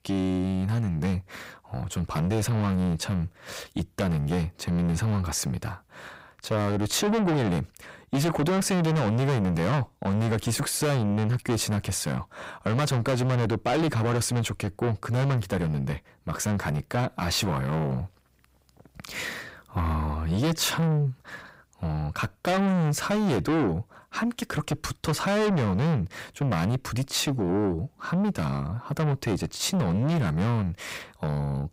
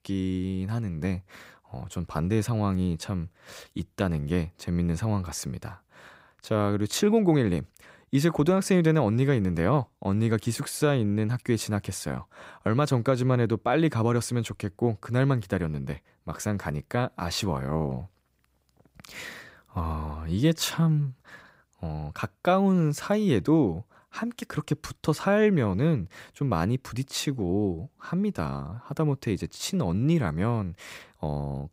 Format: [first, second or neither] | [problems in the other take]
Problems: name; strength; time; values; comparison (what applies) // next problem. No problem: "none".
second | distortion; heavy; 5 dB below the speech